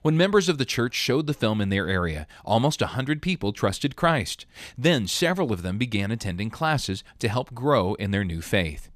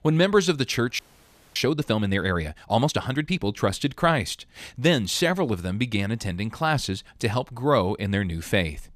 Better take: first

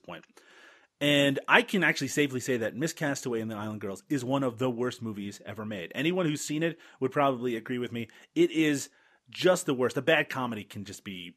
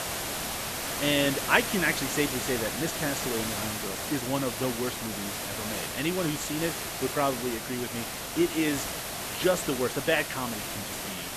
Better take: first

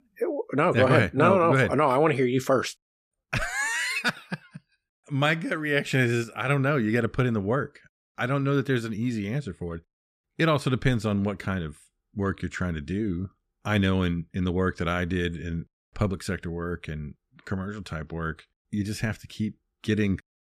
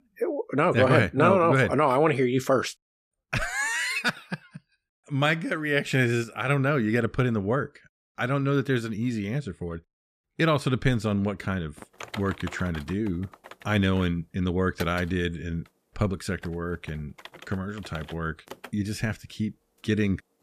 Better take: first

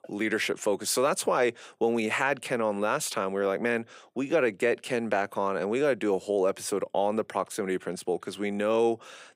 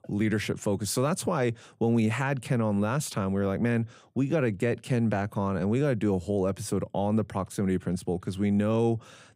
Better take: second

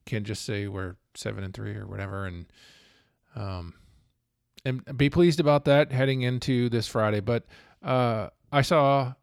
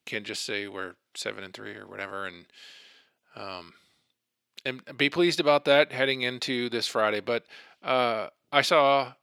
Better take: first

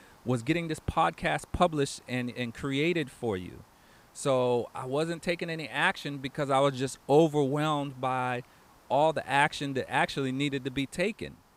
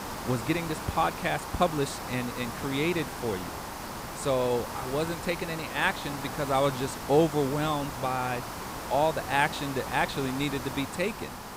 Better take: first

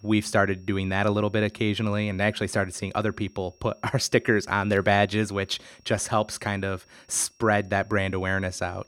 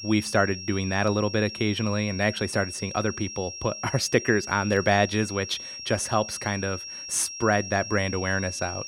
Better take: first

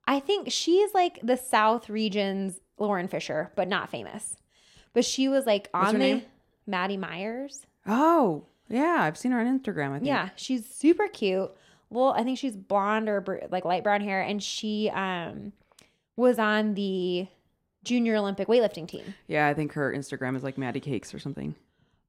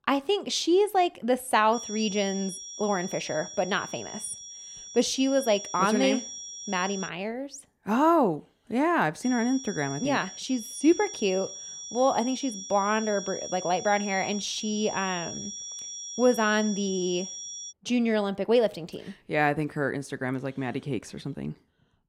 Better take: first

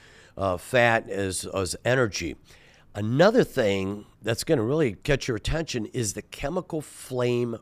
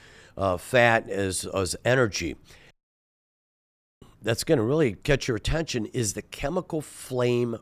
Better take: first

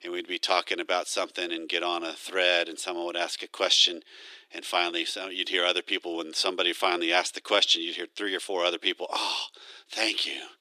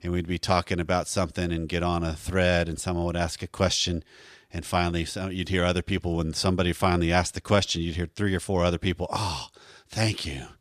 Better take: second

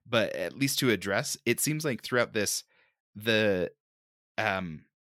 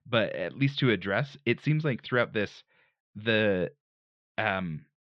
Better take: first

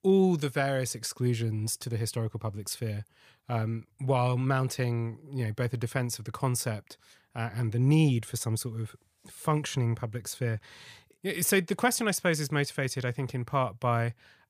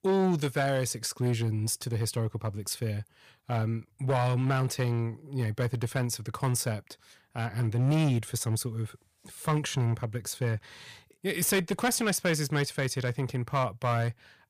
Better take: first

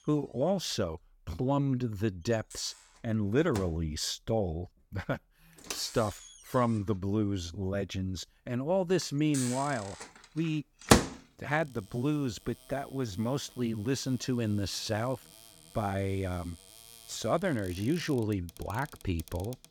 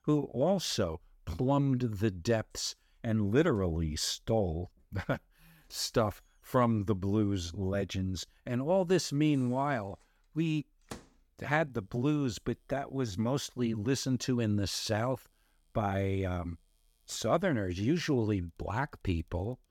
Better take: second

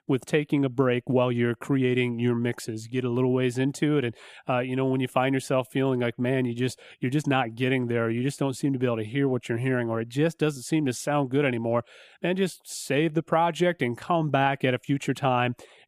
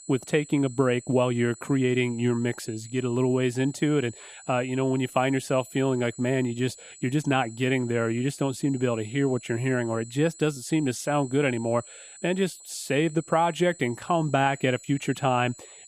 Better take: first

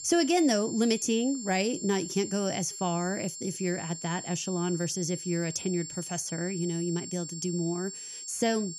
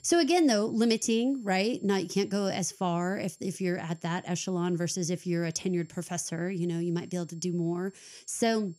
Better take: second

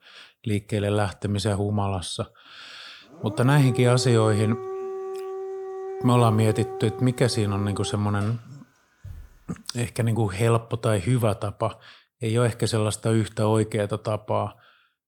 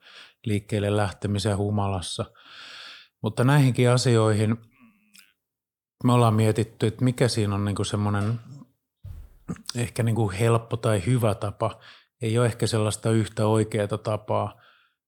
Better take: second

